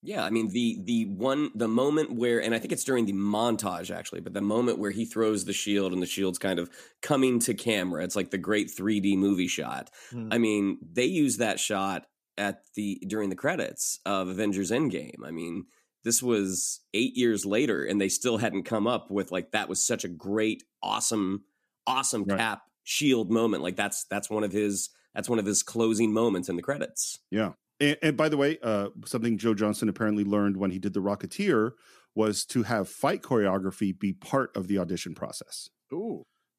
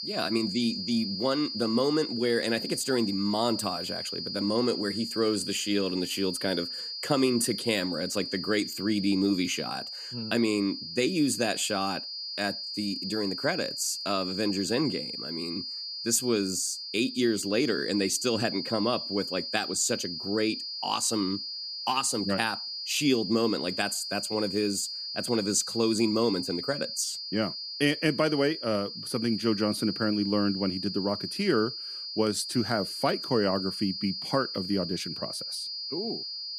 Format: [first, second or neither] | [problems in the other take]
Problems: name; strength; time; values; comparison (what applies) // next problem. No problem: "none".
first | high-pitched whine; loud; throughout; 4.5 kHz, 5 dB below the speech